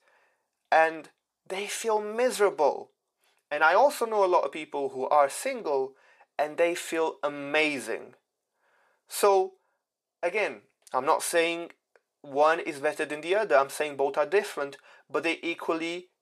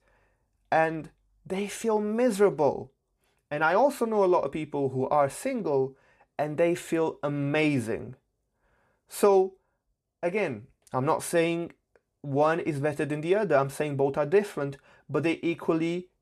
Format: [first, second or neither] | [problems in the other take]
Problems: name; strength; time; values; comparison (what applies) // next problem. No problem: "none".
second | thin; somewhat; fading below 550 Hz